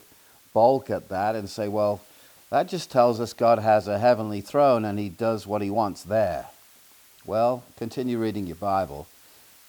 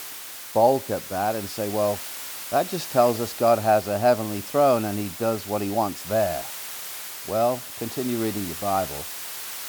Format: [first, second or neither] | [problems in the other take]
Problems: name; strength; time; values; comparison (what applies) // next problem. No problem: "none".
first | hiss; loud; throughout; 9 dB below the speech; faint in the first